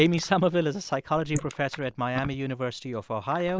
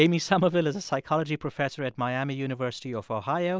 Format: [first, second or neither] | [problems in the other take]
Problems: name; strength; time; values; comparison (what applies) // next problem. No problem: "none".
second | noise reduction (neural mask model Resemble Enhance denoiser)